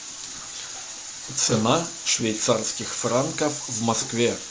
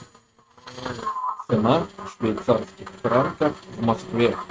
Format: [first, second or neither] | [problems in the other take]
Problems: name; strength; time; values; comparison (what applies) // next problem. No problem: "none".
first | noise reduction (neural mask model RNNoise)